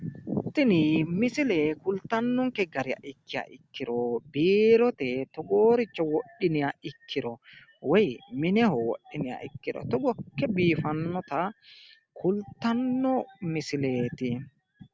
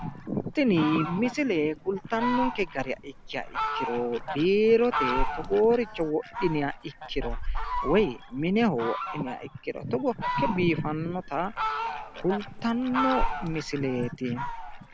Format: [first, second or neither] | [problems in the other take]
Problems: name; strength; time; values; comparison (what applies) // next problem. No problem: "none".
first | background sound (Fowl); 5 dB below the speech